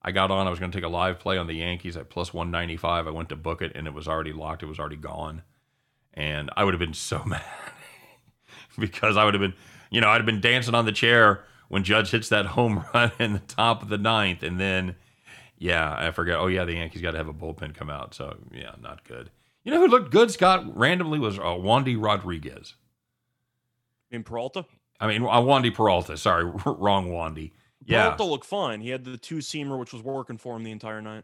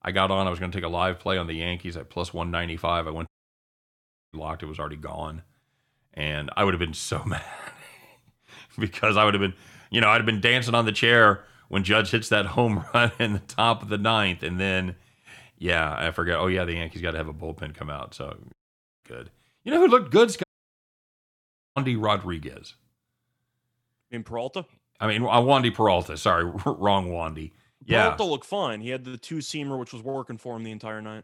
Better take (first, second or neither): first